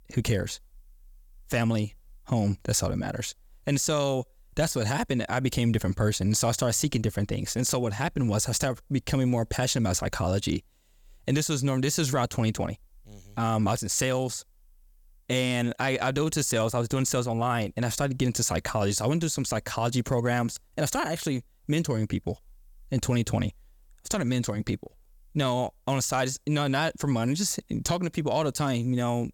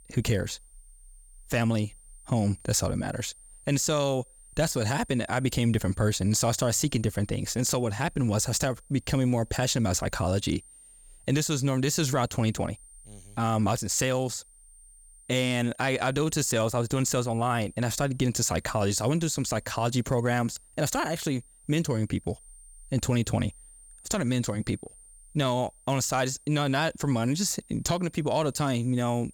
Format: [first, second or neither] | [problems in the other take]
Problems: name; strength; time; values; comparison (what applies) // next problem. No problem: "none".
first | high-pitched whine; faint; throughout; 9 kHz, 25 dB below the speech